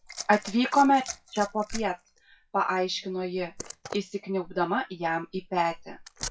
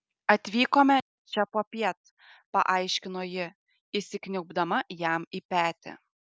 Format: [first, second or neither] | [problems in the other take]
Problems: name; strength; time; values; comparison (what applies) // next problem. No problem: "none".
second | noise reduction (classical method WPE with log-MMSE)